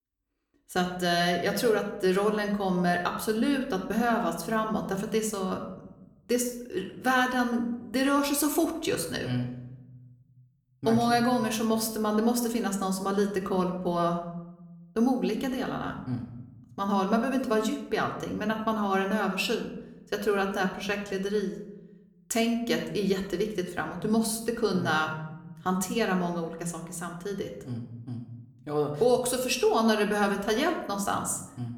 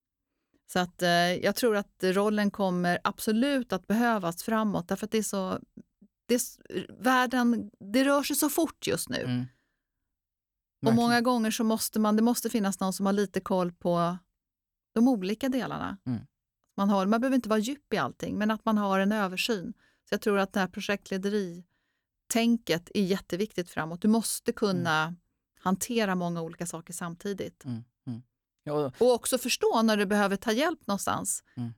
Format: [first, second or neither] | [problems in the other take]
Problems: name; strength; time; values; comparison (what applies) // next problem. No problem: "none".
second | room echo; slight; dies away in 0.8 s // off-mic speech; somewhat distant